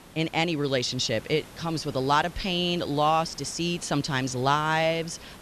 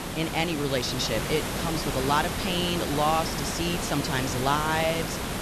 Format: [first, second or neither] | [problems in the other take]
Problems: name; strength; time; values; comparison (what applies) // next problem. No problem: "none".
first | hiss; loud; throughout; 3 dB below the speech; faint in the first